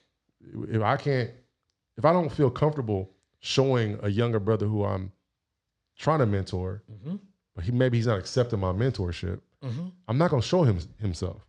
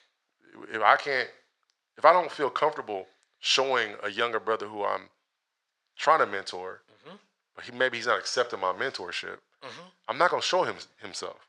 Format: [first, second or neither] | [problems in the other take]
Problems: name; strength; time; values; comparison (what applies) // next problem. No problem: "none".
first | thin; very; fading below 800 Hz